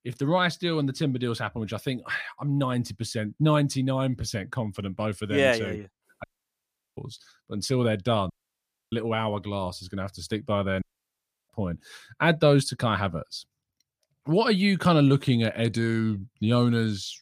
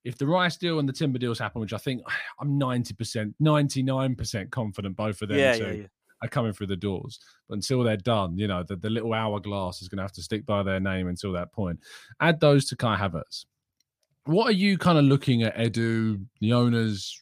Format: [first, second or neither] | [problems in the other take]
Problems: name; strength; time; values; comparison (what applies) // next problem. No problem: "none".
second | audio cutting out; at 6 s for 0.5 s, at 8.5 s for 0.5 s and at 11 s for 0.5 s